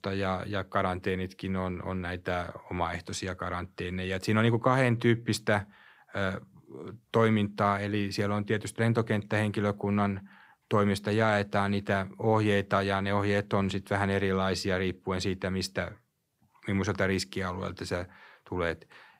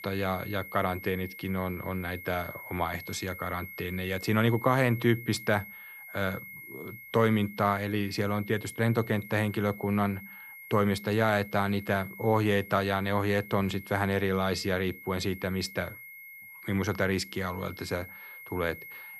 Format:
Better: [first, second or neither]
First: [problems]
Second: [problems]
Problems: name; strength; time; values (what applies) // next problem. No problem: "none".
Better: first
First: none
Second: high-pitched whine; noticeable; throughout; 2 kHz, 15 dB below the speech